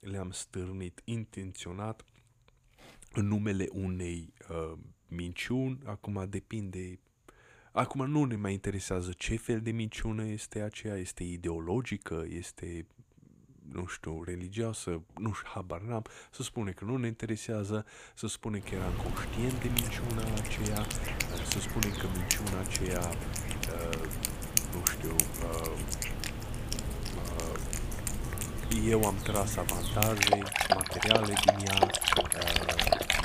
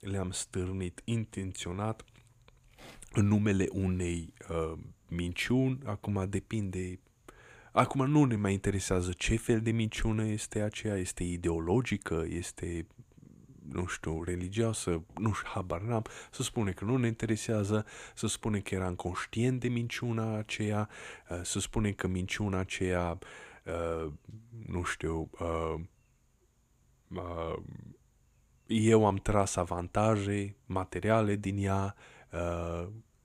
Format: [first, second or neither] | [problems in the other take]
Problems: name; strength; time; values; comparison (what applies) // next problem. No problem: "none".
second | animal sounds; very loud; from 19 s on; 5 dB above the speech